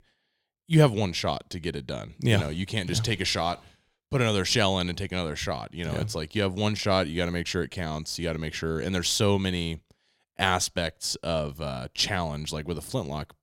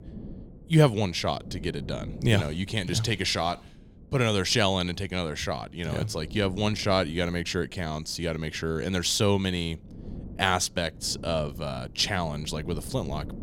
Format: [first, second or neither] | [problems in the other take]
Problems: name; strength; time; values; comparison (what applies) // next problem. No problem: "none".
first | wind noise on the microphone; occasional gusts; 25 dB below the speech